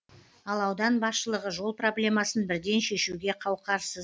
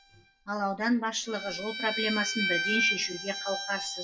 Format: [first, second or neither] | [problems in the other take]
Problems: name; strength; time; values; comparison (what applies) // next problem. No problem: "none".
first | noise reduction (classical method WPE with log-MMSE)